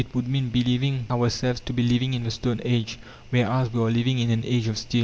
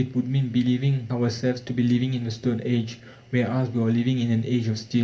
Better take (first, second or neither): first